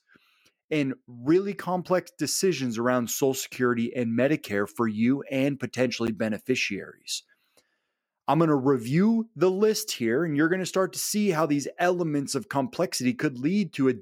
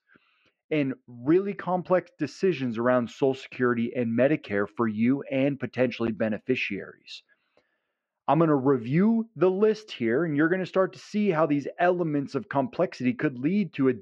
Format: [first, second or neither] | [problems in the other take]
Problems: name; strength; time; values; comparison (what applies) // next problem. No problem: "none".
first | muffled; very; fading above 3 kHz